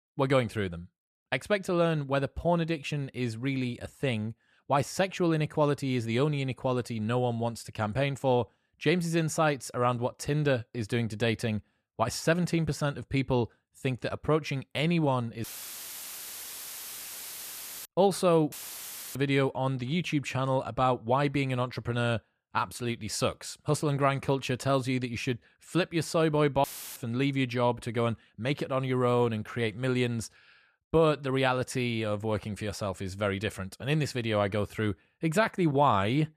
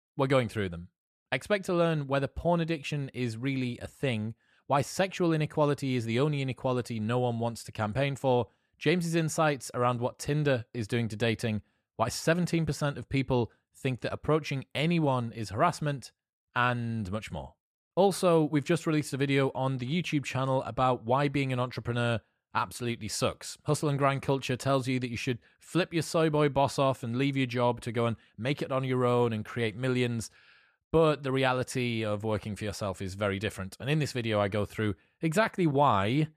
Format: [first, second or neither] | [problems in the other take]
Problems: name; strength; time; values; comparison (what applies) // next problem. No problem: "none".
second | audio cutting out; filled with static; at 15 s for 2.5 s, at 19 s for 0.5 s and at 27 s